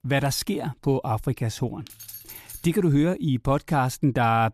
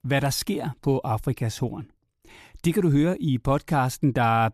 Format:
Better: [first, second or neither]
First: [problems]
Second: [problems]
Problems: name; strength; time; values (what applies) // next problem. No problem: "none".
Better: second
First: jangling keys; faint; at 2 s; peak 15 dB below the speech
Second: none